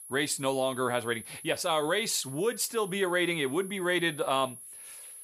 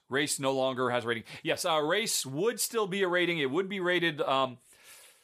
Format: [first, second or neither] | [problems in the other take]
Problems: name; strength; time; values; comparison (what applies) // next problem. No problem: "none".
second | high-pitched whine; noticeable; throughout; 11 kHz, 15 dB below the speech